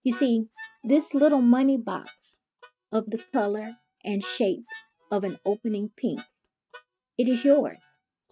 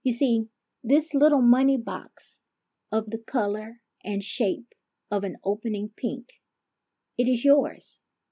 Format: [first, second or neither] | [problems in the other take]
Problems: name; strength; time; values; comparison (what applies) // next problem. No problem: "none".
second | noise reduction (neural mask model RNNoise)